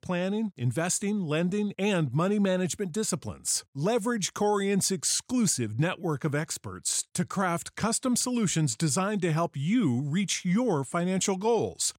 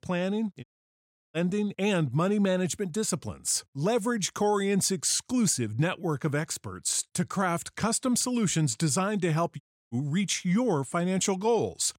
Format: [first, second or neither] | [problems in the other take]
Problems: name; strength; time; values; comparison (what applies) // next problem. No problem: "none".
first | audio cutting out; at 0.5 s for 0.5 s and at 9.5 s